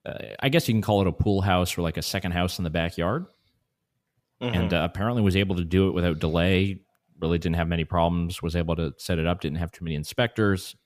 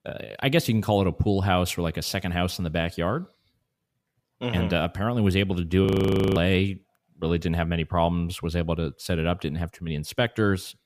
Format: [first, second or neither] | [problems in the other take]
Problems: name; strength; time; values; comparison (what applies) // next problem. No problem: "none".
first | audio freezing; at 6 s for 0.5 s